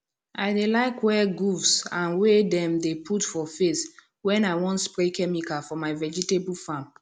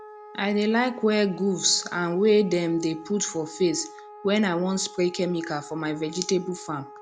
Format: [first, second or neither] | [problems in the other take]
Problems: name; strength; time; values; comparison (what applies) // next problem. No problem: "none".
first | background sound (Wind instrument, woodwind instrument); 19 dB below the speech